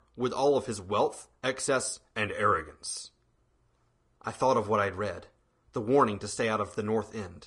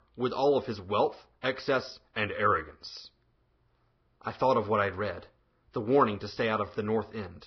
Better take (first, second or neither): first